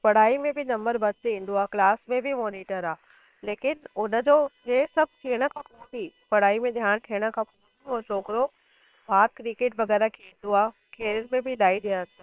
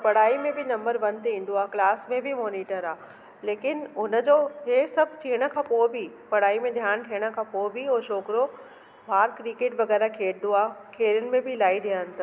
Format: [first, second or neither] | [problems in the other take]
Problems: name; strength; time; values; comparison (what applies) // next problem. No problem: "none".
second | noise reduction (neural separator model SepFormer WHAM!)